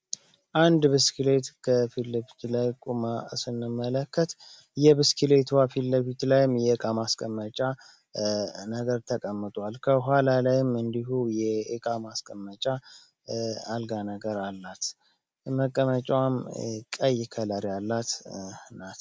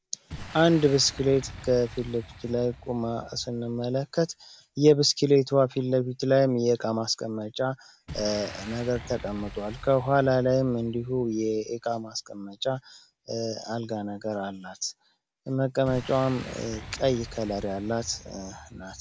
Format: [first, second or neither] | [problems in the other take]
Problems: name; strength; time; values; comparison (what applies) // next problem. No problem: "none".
first | background sound (Boom); 18 dB below the speech